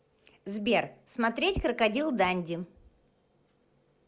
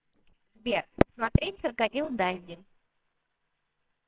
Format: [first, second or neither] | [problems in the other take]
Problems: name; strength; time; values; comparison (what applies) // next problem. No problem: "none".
first | noise reduction (neural separator model SepFormer WHAMR!)